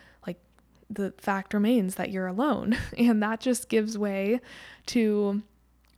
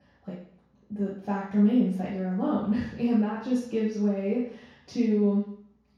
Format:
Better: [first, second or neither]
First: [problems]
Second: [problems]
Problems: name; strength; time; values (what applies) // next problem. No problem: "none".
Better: first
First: none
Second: room echo; noticeable; dies away in 0.6 s // off-mic speech; far